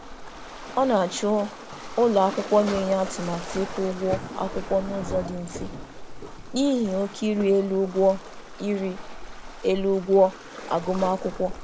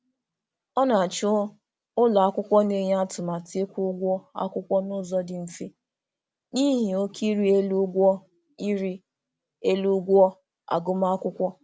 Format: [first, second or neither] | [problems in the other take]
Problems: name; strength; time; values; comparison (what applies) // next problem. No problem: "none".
second | background sound (Waves, surf); 11 dB below the speech